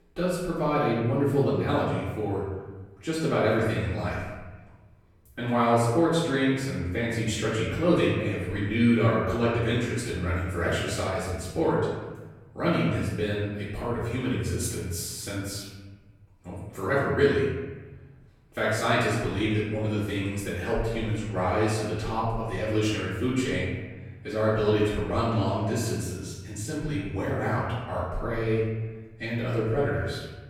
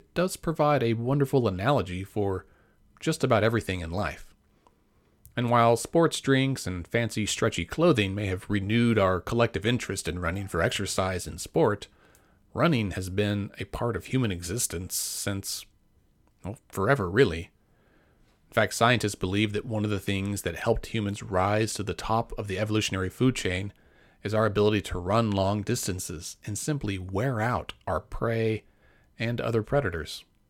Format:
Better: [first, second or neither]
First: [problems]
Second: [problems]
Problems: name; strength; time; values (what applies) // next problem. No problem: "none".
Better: second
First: off-mic speech; far // room echo; noticeable; dies away in 1.2 s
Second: none